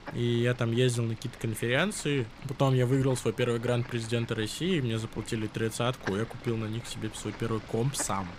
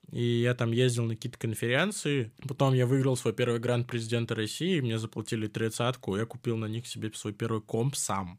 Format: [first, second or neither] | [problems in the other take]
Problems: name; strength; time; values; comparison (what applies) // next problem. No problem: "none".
second | animal sounds; noticeable; throughout; 15 dB below the speech